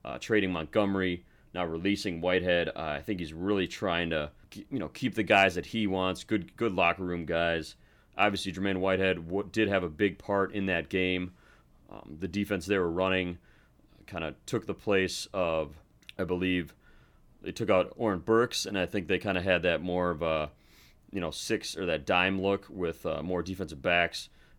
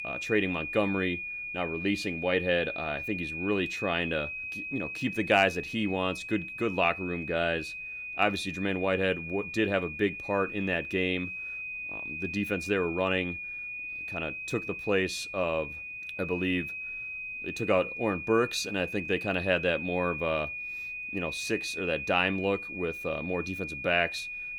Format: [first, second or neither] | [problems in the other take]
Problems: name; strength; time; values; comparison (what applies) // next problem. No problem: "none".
first | high-pitched whine; loud; throughout; 2.5 kHz, 6 dB below the speech